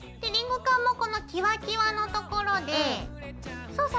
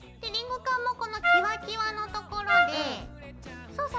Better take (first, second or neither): first